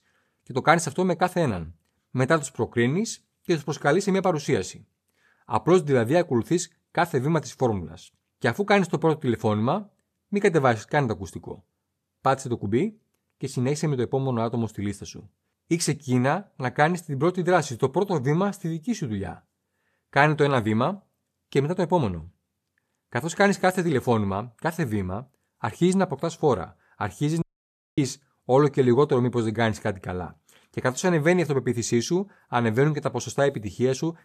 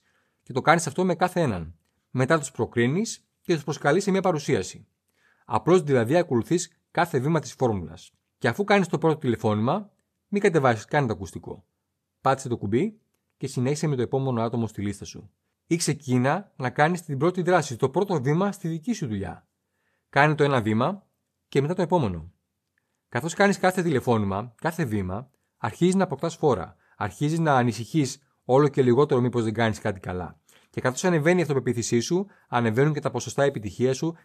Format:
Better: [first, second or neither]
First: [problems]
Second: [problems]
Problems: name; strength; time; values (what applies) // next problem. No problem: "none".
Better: second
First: audio cutting out; at 27 s for 0.5 s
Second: none